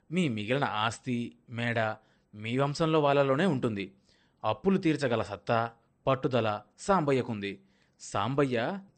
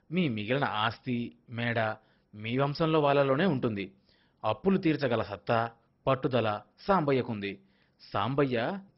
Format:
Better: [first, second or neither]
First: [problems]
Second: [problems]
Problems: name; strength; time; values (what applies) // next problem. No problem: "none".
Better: first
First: garbled, watery; slightly; nothing above 8.5 kHz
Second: garbled, watery; badly; nothing above 5.5 kHz